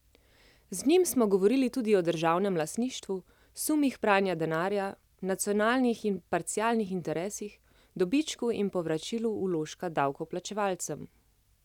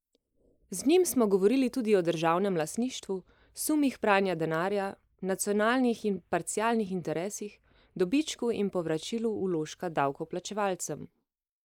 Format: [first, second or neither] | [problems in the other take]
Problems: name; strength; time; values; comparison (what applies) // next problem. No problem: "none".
first | noise reduction (neural mask model Resemble Enhance denoiser)